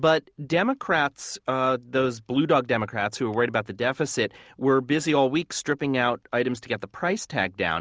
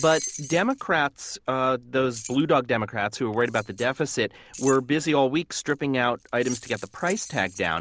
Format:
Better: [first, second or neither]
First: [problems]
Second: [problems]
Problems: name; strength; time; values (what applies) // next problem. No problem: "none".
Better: first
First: none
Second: background sound (Keys jangling); 17 dB below the speech